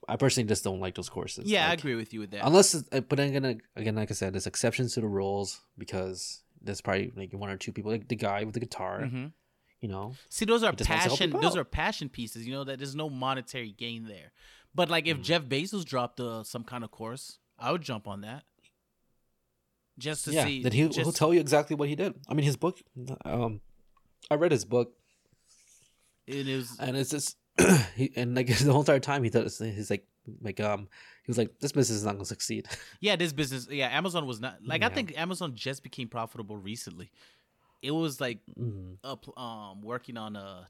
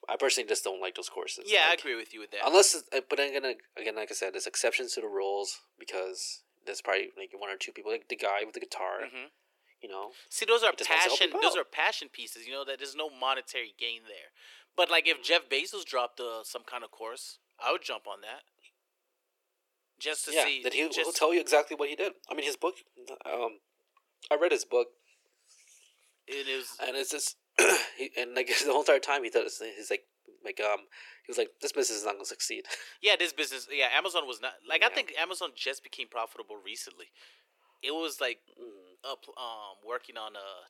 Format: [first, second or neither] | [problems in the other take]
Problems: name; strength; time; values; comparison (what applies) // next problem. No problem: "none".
first | thin; very; fading below 350 Hz